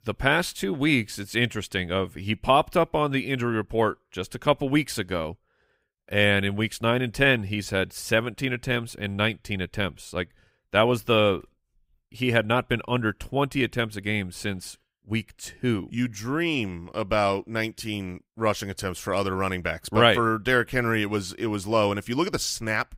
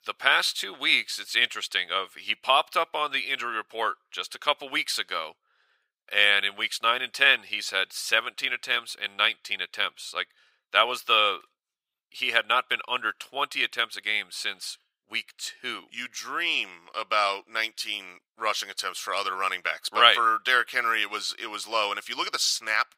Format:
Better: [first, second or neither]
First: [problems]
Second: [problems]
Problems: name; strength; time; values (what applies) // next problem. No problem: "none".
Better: first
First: none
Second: thin; very; fading below 800 Hz